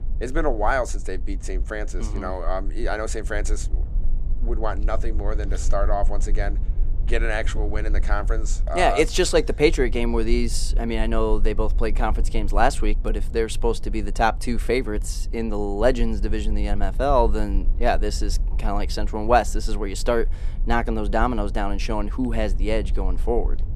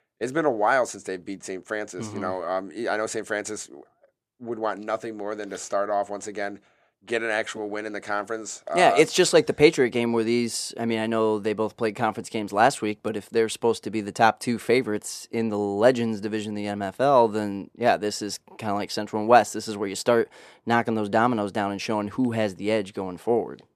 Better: second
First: low rumble; faint; throughout; 25 dB below the speech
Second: none

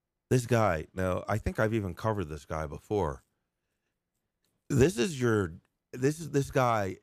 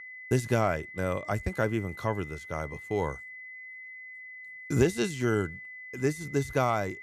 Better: first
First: none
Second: high-pitched whine; noticeable; throughout; 2 kHz, 10 dB below the speech

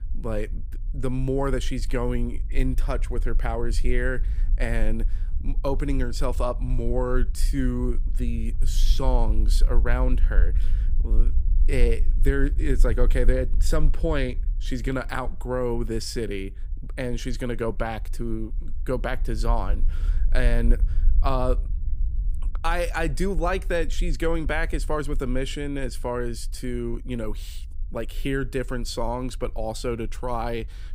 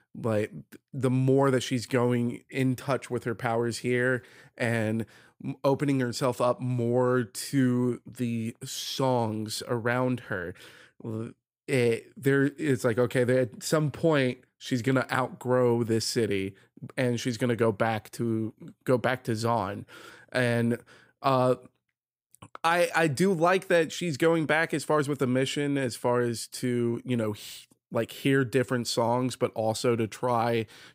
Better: second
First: low rumble; faint; throughout; 20 dB below the speech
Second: none

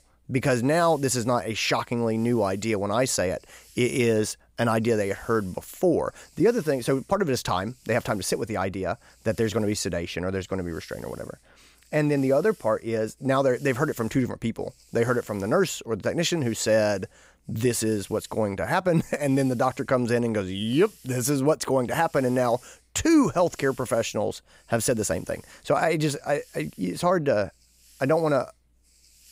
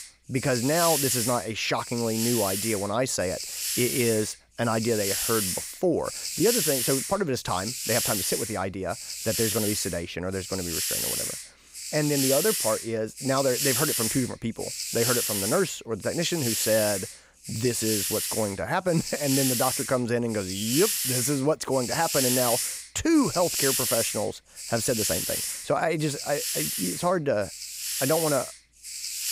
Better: first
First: hiss; faint; throughout; 25 dB below the speech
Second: hiss; loud; throughout; as loud as the speech

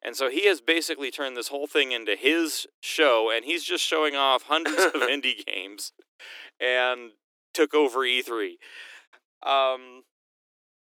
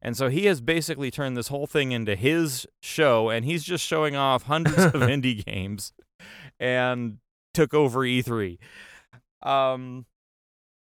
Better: second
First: thin; somewhat; fading below 300 Hz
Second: none

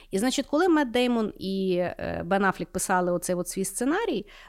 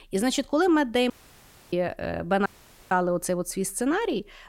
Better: first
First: none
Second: audio cutting out; at 1 s for 0.5 s and at 2.5 s

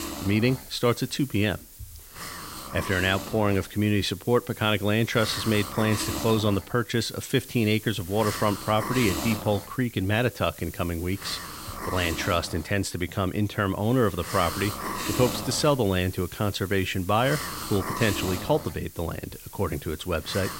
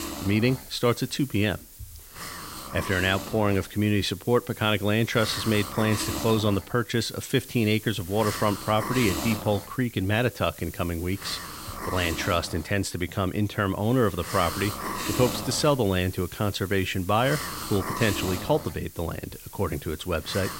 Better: neither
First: hiss; loud; throughout; 9 dB below the speech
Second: hiss; loud; throughout; 9 dB below the speech

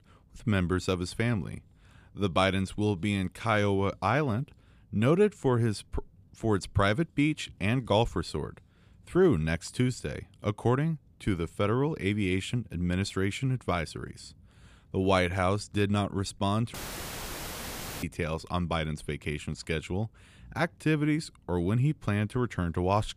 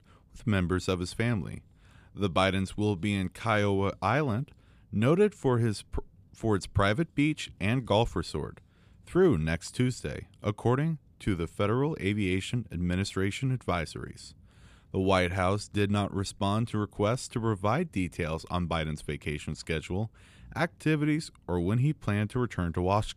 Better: second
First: audio cutting out; filled with static; at 17 s for 1.5 s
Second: none

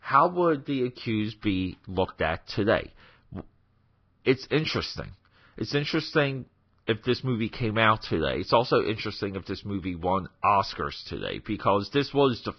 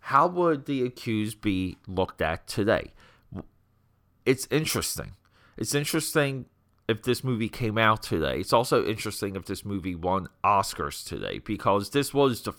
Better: second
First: garbled, watery; badly; nothing above 5.5 kHz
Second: none

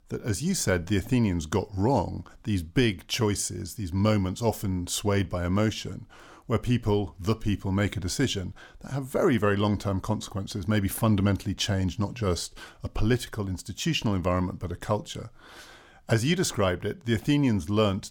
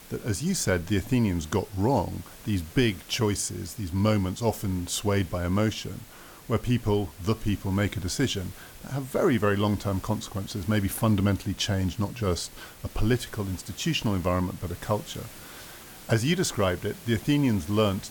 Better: first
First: none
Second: hiss; noticeable; throughout; 20 dB below the speech

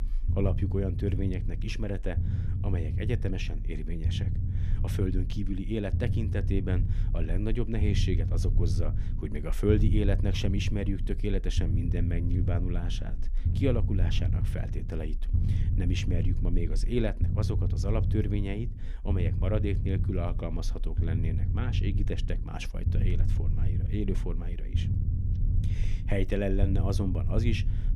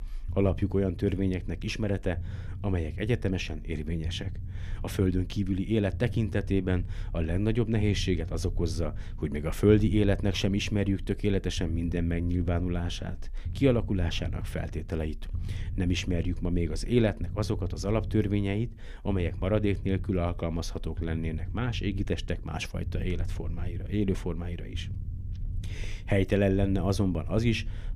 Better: second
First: low rumble; loud; throughout; 8 dB below the speech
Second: low rumble; faint; throughout; 20 dB below the speech

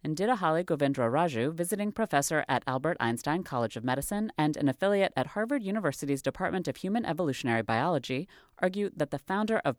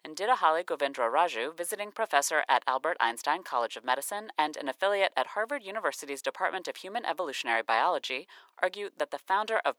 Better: first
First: none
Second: thin; very; fading below 450 Hz

